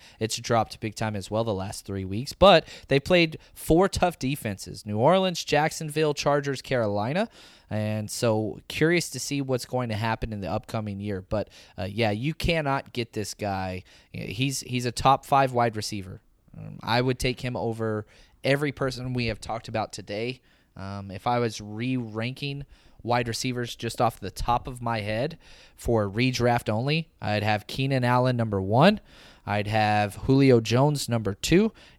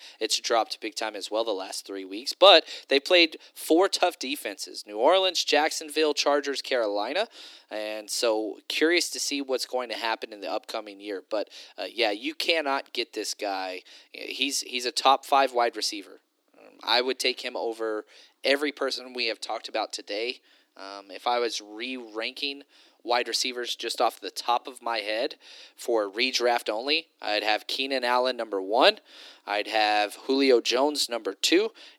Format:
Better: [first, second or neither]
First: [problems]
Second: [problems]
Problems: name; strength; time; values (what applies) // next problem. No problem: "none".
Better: first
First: none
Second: thin; somewhat; fading below 300 Hz